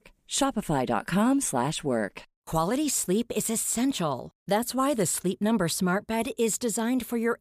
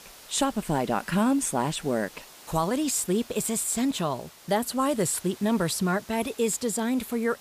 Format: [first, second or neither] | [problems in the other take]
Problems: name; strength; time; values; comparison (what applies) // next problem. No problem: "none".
first | hiss; noticeable; throughout; 20 dB below the speech